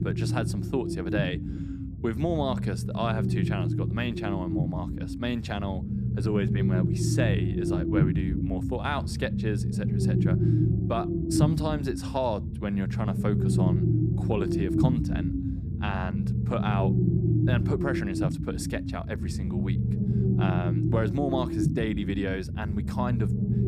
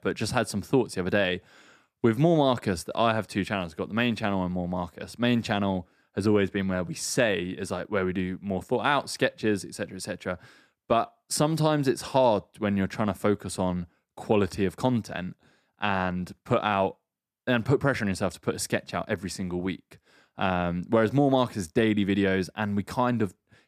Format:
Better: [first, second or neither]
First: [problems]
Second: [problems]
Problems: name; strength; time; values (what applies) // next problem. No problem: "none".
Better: second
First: low rumble; loud; throughout; 2 dB below the speech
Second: none